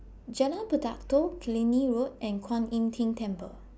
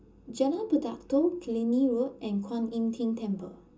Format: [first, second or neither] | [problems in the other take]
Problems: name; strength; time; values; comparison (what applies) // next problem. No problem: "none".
first | room echo; dies away in 0.2 s